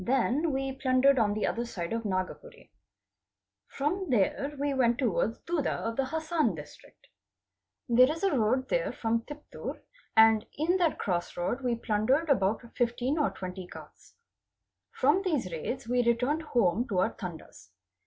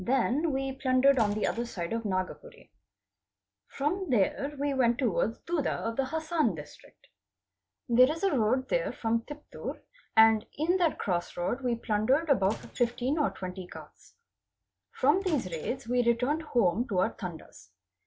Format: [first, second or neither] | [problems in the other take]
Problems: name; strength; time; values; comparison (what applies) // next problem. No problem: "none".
first | background sound (Squeak / Wood); 20 dB below the speech